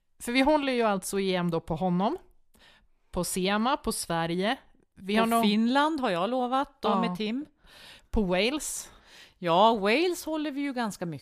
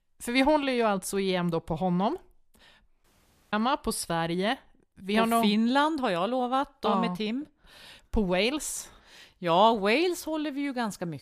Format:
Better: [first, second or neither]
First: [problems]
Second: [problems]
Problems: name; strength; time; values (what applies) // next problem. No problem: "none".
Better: first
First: none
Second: audio cutting out; at 3 s